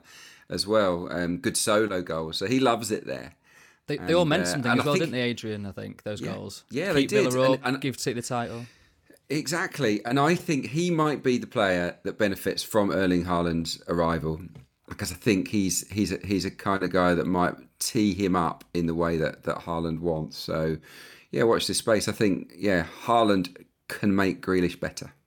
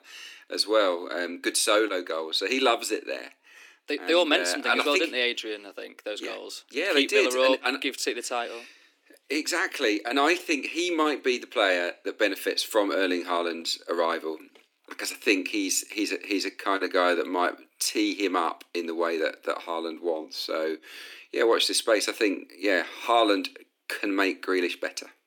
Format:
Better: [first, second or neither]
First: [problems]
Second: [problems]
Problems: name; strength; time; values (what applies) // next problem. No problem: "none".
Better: first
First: none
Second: thin; somewhat; fading below 300 Hz